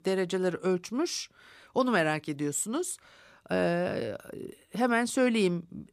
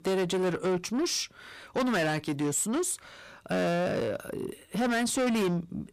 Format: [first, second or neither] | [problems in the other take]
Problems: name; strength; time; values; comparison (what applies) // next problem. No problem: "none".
first | distortion; heavy; 7 dB below the speech